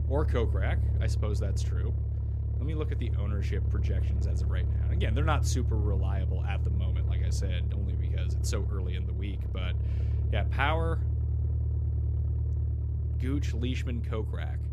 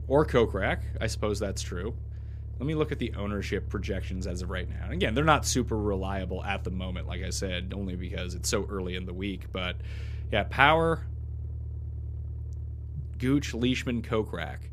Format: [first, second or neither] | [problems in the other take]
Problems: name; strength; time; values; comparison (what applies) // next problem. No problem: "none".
second | low rumble; loud; throughout; 8 dB below the speech; faint in the second